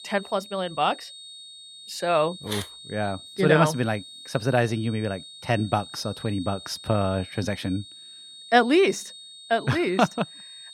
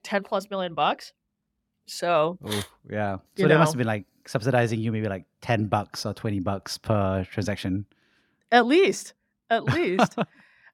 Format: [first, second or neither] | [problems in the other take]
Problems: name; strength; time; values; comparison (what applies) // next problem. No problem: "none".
second | high-pitched whine; noticeable; throughout; 3.5 kHz, 15 dB below the speech